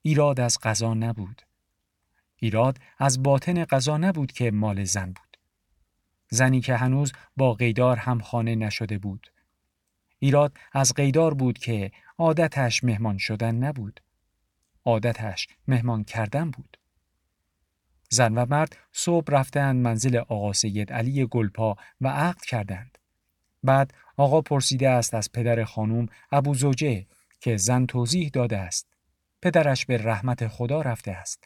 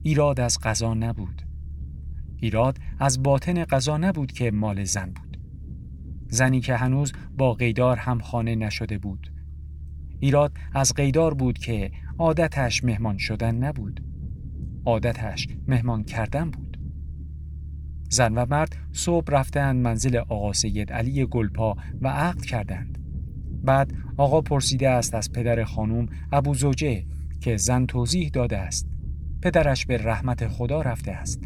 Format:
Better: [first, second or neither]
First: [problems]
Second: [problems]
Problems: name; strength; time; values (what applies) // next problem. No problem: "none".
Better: first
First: none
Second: low rumble; faint; throughout; 25 dB below the speech